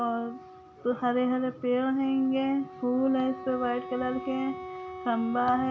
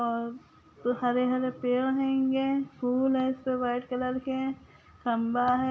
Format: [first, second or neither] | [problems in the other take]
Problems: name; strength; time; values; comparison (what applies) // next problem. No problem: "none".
second | background sound (Wind instrument, woodwind instrument); 14 dB below the speech